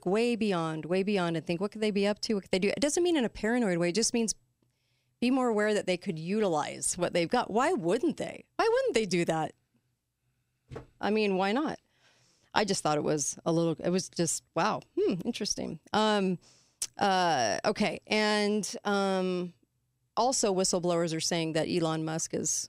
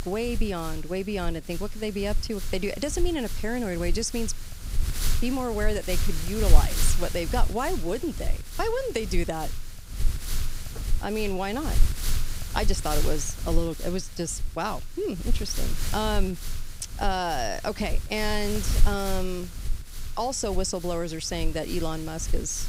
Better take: first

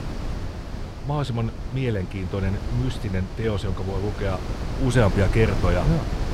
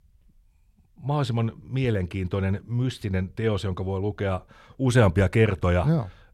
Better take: second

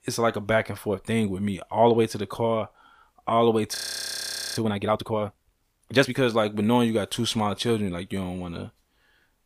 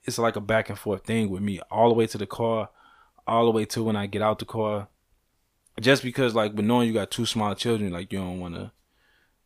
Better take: second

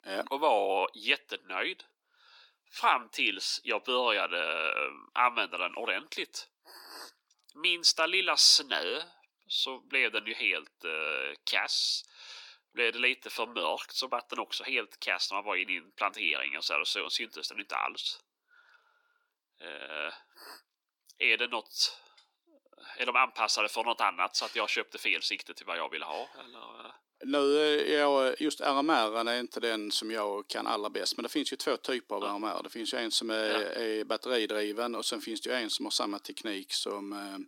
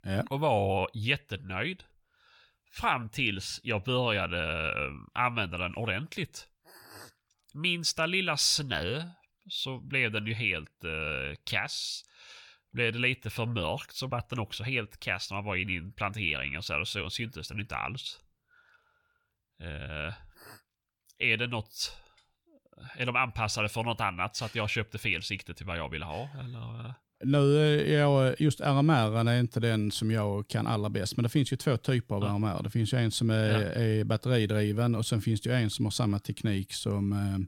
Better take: second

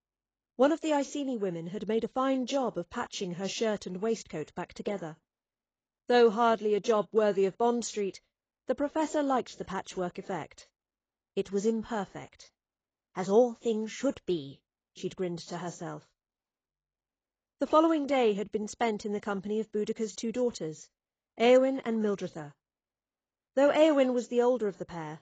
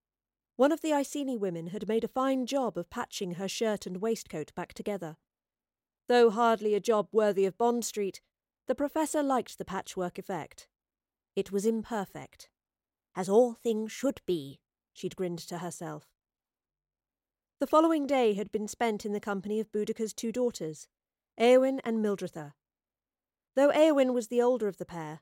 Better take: second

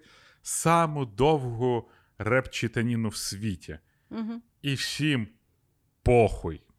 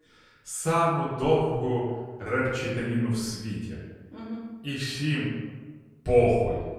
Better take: first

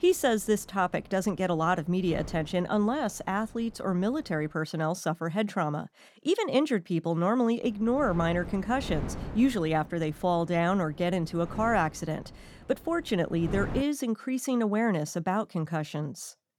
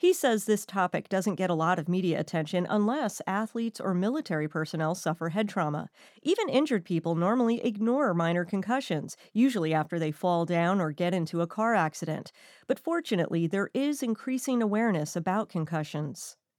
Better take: second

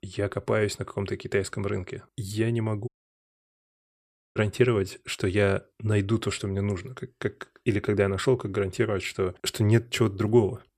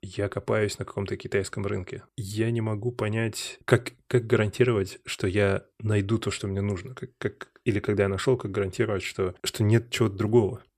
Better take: second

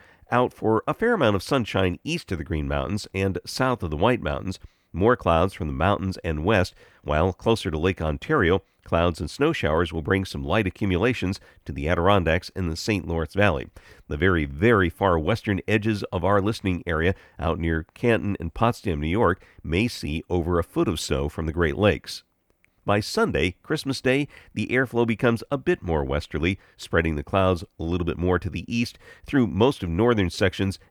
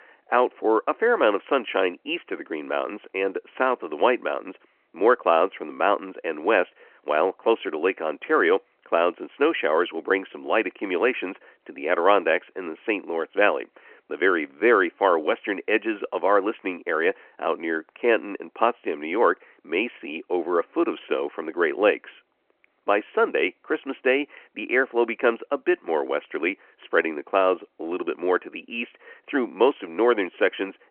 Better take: first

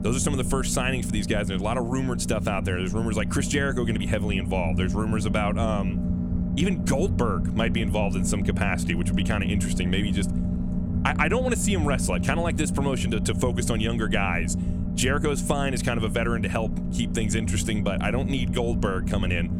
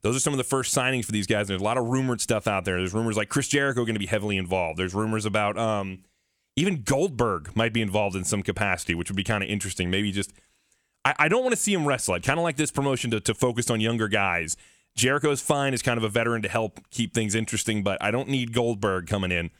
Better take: second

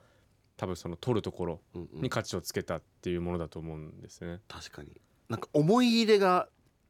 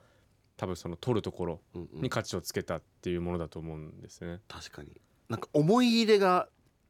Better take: neither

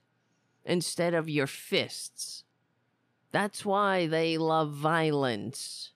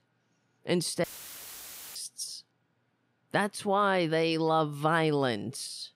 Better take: first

